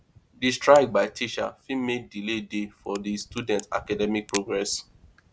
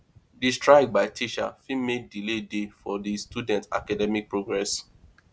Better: second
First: background sound (Crack); 18 dB below the speech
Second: none

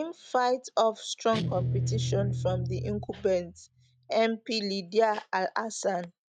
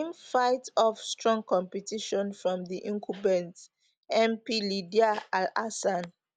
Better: second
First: noise reduction (neural mask model RNNoise)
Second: none

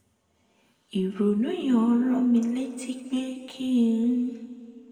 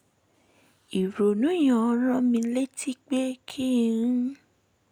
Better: second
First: room echo; dies away in 2.2 s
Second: none

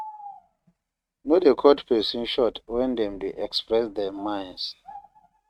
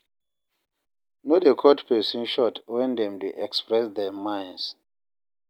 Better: second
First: noise reduction (neural mask model RNNoise)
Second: none

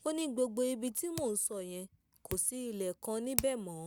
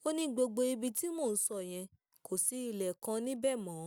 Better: second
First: background sound (Hands); 10 dB below the speech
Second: none

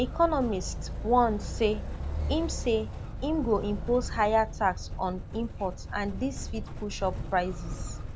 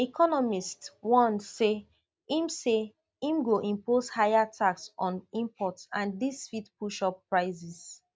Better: second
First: background sound (Motor vehicle (road)); 5 dB below the speech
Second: none

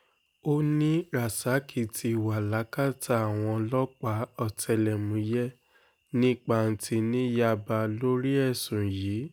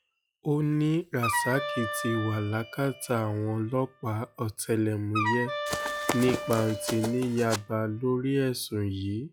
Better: first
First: none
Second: noise reduction (classical method log-MMSE)

